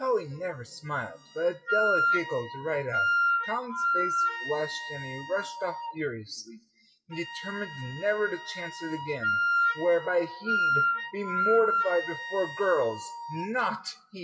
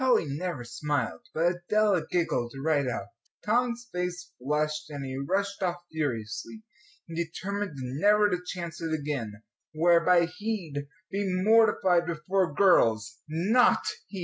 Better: second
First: noise reduction (classical method WPE with log-MMSE)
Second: none

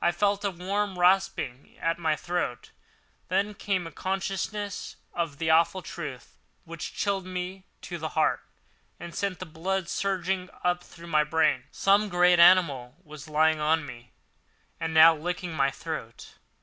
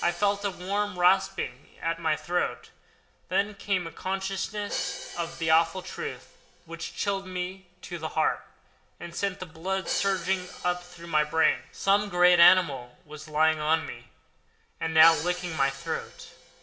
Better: first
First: none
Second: background sound (Crash cymbal); 16 dB below the speech // room echo; dies away in 0.5 s

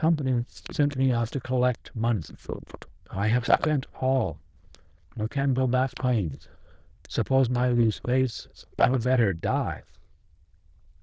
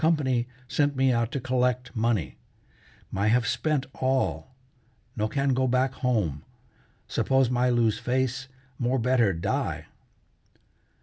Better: second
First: noise reduction (neural diffusion model UNIVERSE++)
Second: none

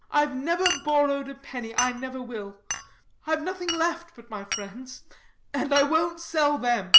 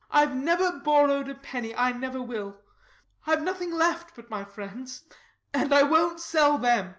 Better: second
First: background sound (Glass); 3 dB below the speech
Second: none

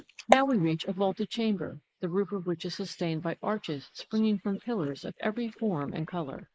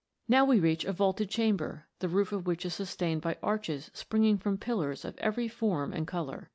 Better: second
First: noise reduction (neural mask model Resemble Enhance denoiser)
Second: none

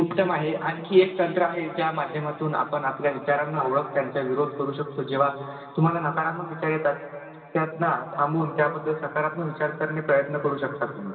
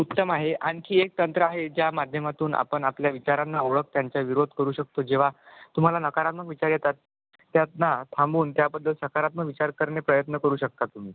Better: second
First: room echo; dies away in 2.6 s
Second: none

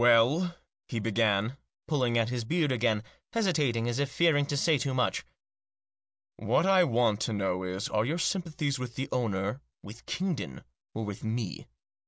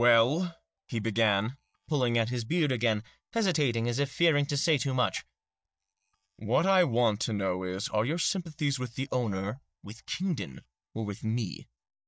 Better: first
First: none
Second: noise reduction (neural mask model DeepFilterNet 3)

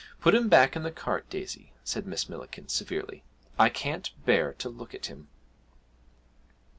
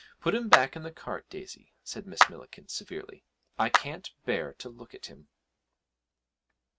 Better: first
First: none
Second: noise reduction (neural mask model RNNoise)

